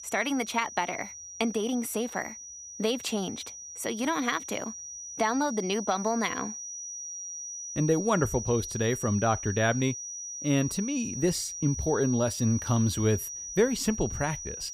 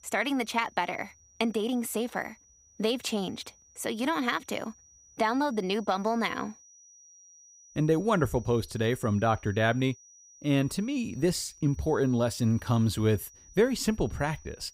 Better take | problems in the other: second | high-pitched whine; loud; throughout; 6 kHz, 8 dB below the speech; faint in the second

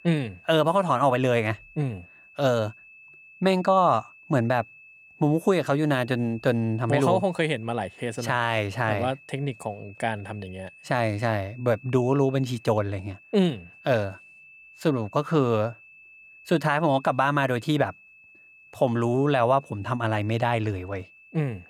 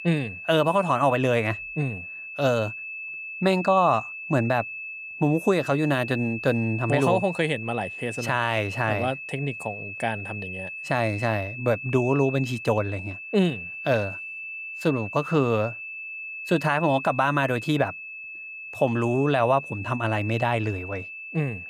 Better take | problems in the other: first | high-pitched whine; loud; throughout; 2.5 kHz, 9 dB below the speech; faint in the first

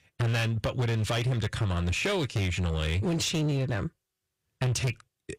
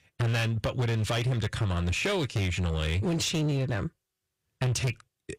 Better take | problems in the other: neither | distortion; slight; 17% of the sound clipped; the same in both

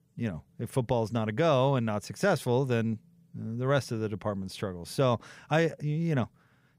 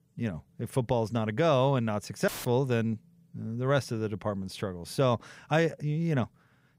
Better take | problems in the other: first | audio cutting out; filled with static; at 2.5 s

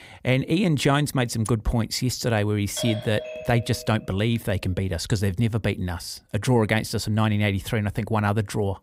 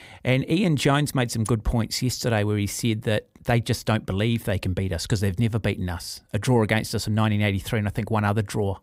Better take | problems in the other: second | doorbell; noticeable; from 3 to 4 s; peak 8 dB below the speech

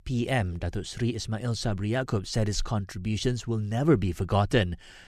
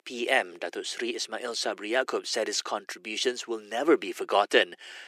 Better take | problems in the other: first | thin; very; fading below 350 Hz

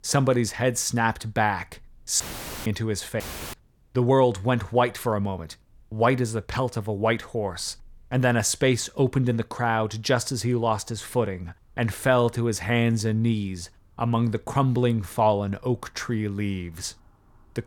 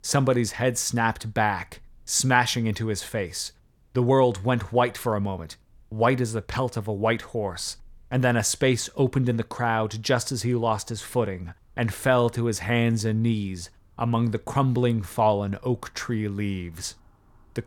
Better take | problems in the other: second | audio cutting out; filled with static; at 2 s and at 3 s

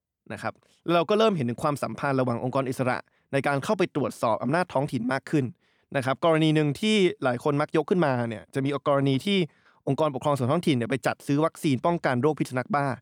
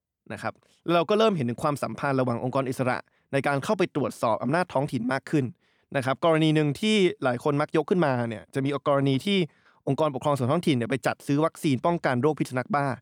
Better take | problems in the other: neither | none

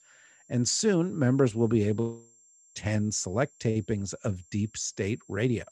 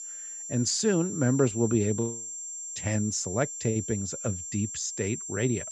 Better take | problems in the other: first | high-pitched whine; loud; throughout; 7.5 kHz, 7 dB below the speech; faint in the first

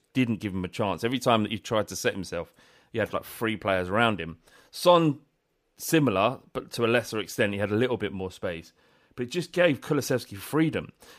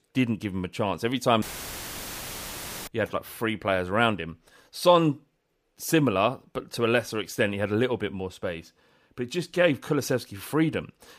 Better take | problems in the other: first | audio cutting out; filled with static; at 1.5 s for 1.5 s

